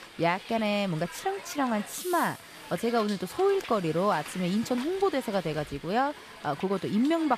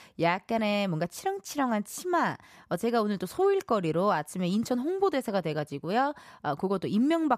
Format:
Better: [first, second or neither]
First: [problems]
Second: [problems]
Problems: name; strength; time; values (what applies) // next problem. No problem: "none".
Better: second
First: hiss; noticeable; throughout; 15 dB below the speech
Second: none